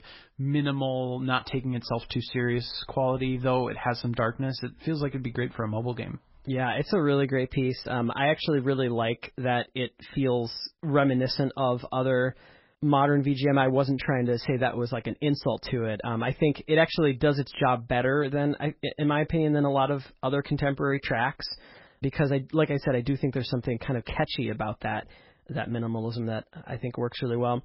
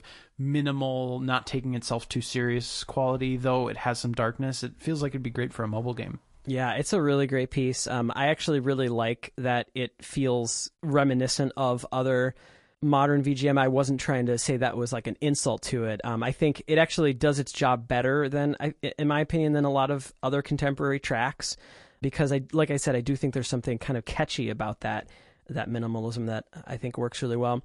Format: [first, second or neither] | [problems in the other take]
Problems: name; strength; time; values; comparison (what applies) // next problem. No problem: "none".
second | garbled, watery; badly; nothing above 5.5 kHz; slightly in the second